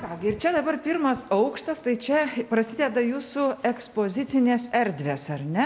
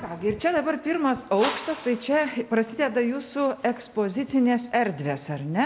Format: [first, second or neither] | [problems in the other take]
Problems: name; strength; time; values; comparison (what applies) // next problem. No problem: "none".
first | background sound (Whoosh, swoosh, swish); 10 dB below the speech